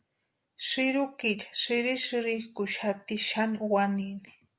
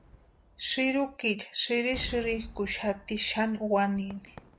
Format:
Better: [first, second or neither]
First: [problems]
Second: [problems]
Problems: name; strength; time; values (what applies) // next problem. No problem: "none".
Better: first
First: none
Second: background sound (Cheering / Fireworks); 17 dB below the speech